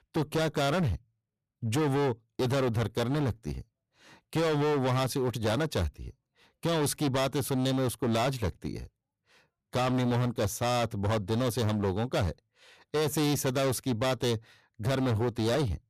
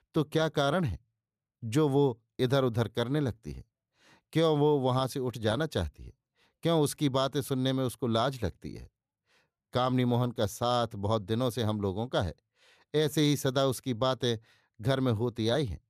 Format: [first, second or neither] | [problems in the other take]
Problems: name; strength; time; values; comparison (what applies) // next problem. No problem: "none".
second | distortion; heavy; 21% of the sound clipped